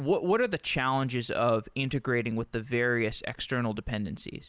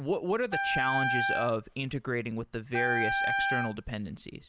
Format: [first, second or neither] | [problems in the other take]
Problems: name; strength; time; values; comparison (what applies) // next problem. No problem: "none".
first | background sound (Wind instrument, woodwind instrument); as loud as the speech